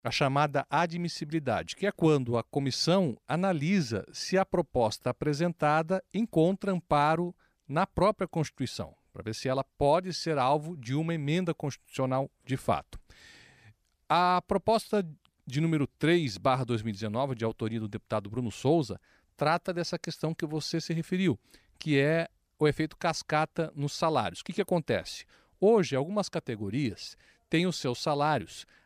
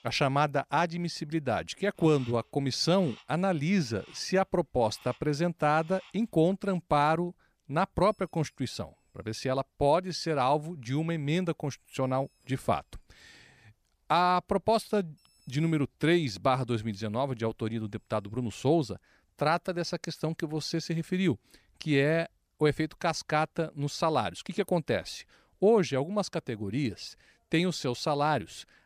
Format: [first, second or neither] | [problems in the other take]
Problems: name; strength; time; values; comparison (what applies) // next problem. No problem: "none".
first | animal sounds; faint; until 19 s; 25 dB below the speech